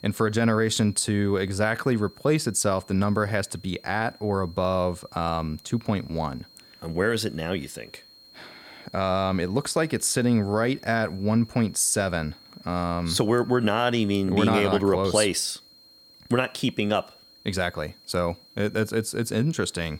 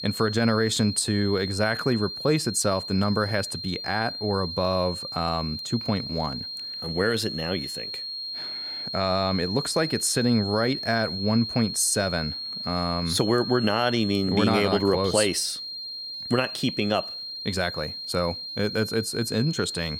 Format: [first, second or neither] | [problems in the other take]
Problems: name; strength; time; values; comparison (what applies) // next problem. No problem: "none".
first | high-pitched whine; loud; throughout; 4 kHz, 6 dB below the speech; faint in the first